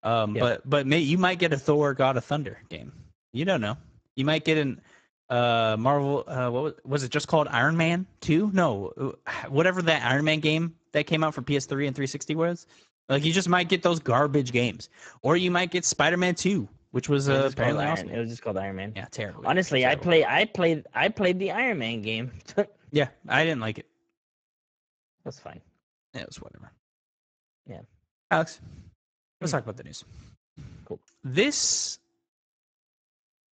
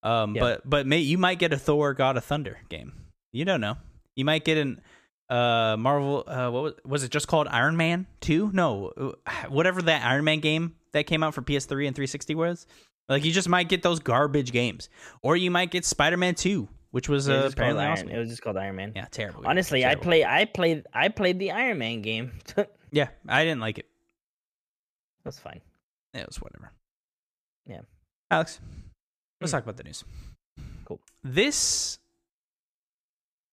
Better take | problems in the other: second | garbled, watery; badly; nothing above 7.5 kHz

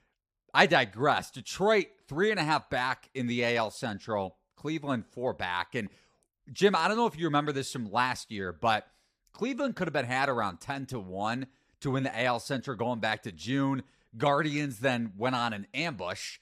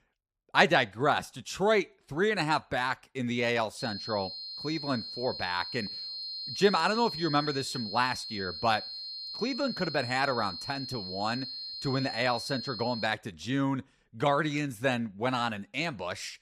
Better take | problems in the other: first | high-pitched whine; loud; from 4 to 13 s; 4 kHz, 7 dB below the speech

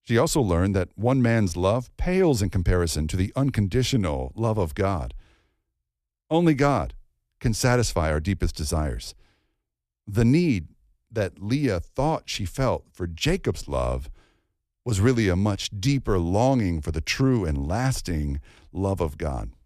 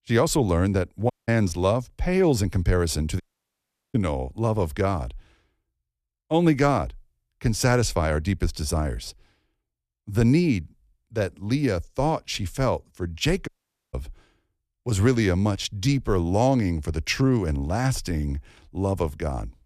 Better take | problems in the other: first | audio cutting out; at 1 s, at 3 s for 0.5 s and at 13 s

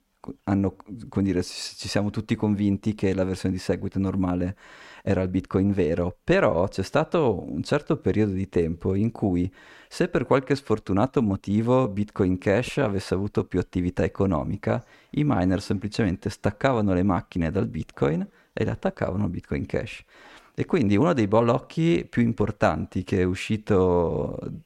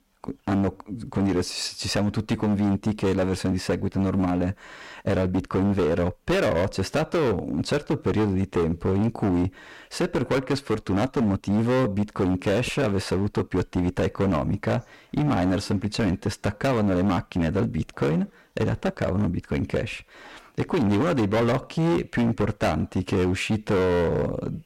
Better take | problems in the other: first | distortion; heavy; 17% of the sound clipped

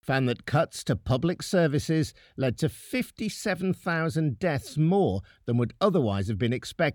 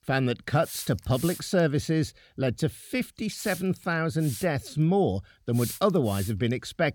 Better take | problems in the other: first | hiss; noticeable; throughout; 10 dB below the speech

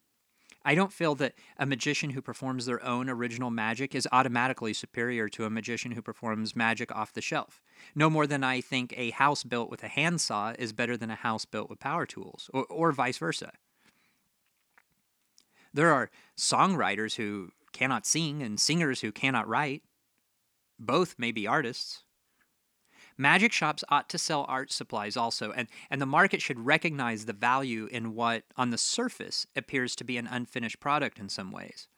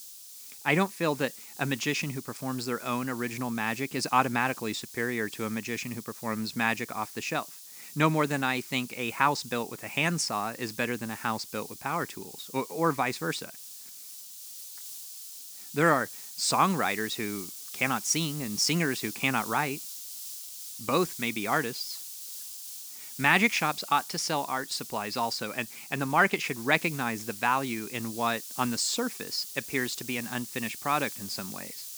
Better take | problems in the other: first | hiss; noticeable; throughout; 10 dB below the speech

